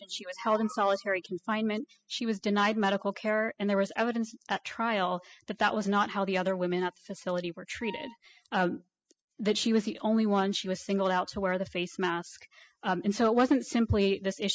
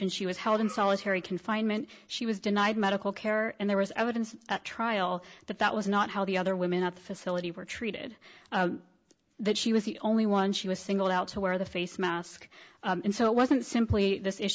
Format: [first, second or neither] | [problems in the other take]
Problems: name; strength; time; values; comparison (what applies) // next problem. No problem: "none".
second | noise reduction (classical method spectral subtraction)